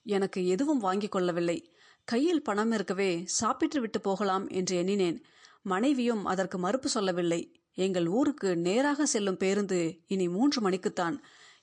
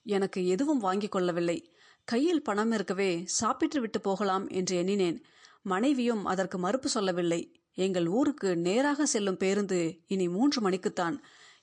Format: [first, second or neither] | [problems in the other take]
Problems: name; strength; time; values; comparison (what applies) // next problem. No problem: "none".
neither | garbled, watery; slightly; nothing above 8.5 kHz; the same in both